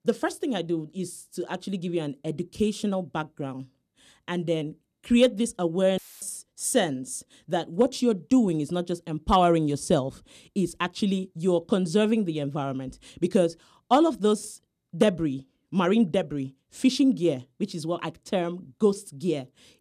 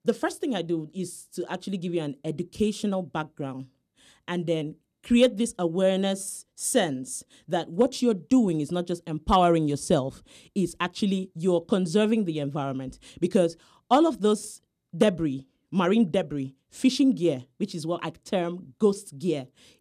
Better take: second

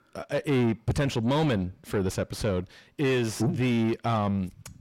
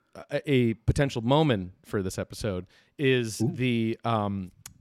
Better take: second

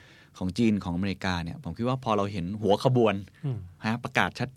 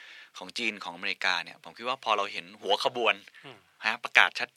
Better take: first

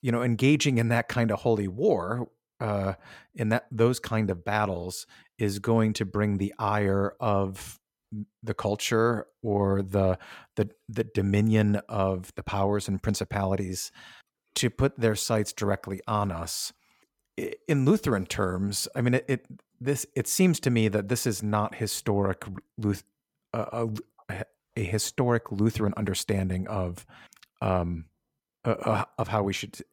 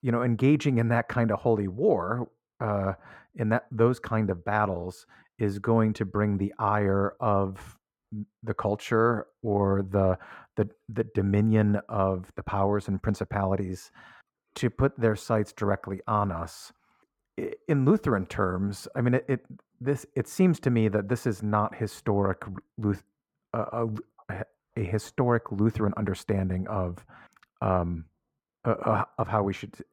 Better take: first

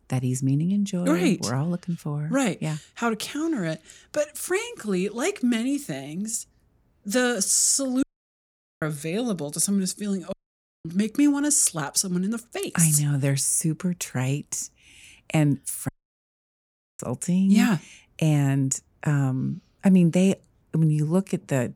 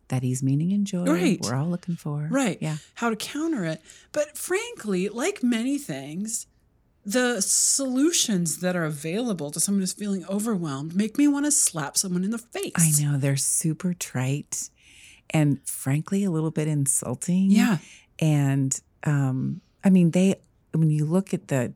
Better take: second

